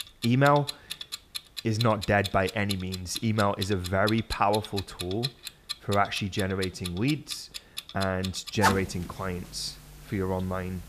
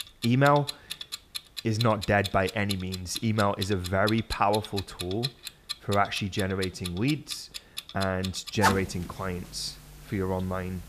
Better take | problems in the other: neither | household noises; loud; throughout; 7 dB below the speech; the same in both

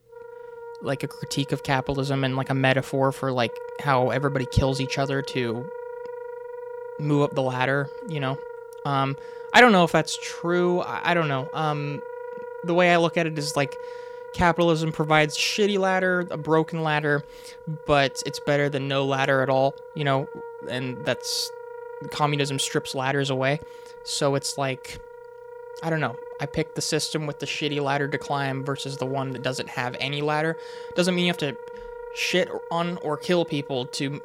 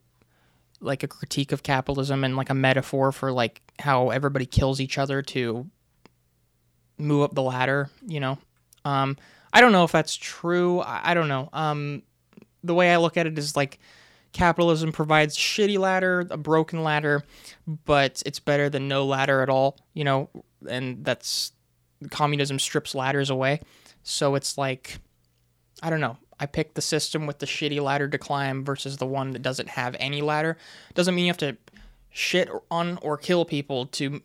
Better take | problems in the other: second | background music; noticeable; throughout; 15 dB below the speech

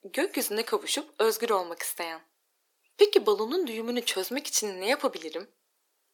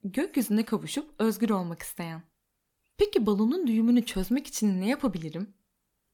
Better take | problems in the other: second | thin; very; fading below 350 Hz

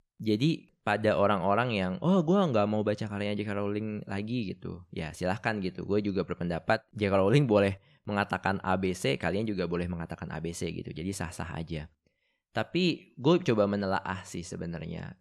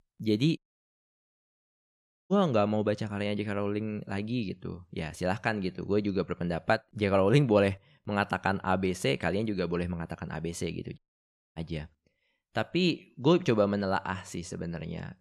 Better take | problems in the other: first | audio cutting out; at 0.5 s for 1.5 s and at 11 s for 0.5 s

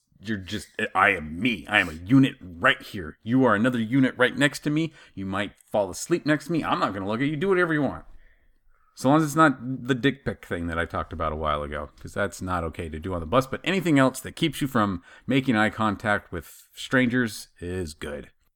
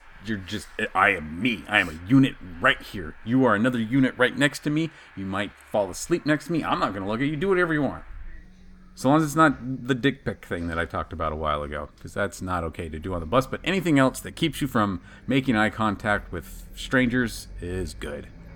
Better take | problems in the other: first | traffic noise; faint; throughout; 25 dB below the speech

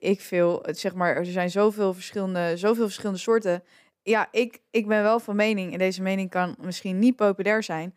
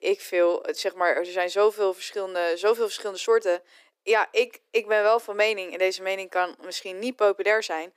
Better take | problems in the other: first | thin; very; fading below 350 Hz

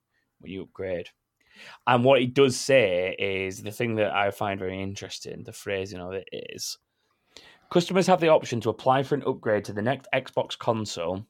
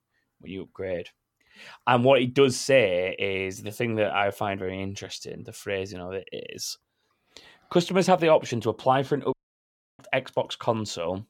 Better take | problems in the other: first | audio cutting out; at 9.5 s for 0.5 s

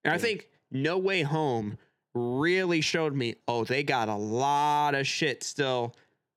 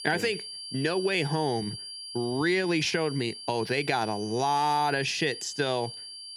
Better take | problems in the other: first | high-pitched whine; loud; throughout; 4.5 kHz, 10 dB below the speech

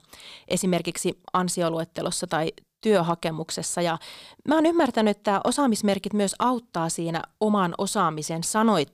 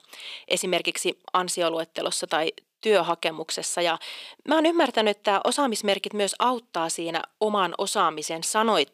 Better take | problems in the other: first | thin; somewhat; fading below 400 Hz

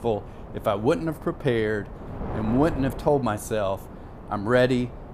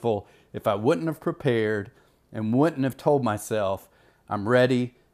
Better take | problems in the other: second | wind noise on the microphone; occasional gusts; 15 dB below the speech

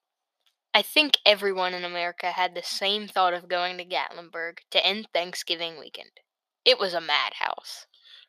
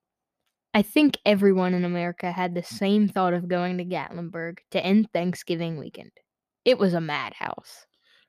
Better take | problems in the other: second | thin; very; fading below 750 Hz

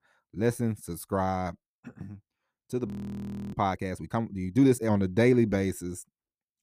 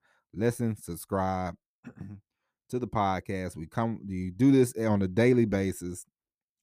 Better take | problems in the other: second | audio freezing; at 3 s for 0.5 s

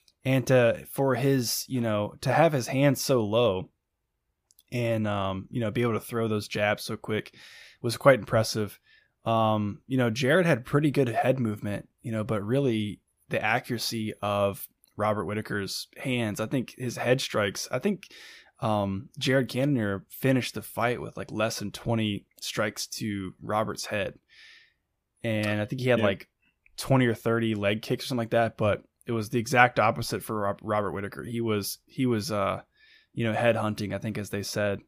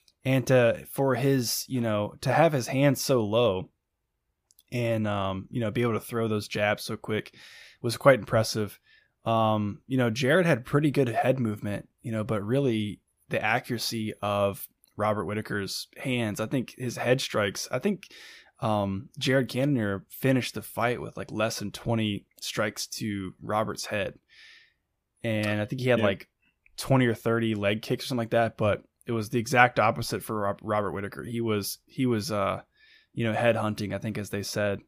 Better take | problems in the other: neither | none

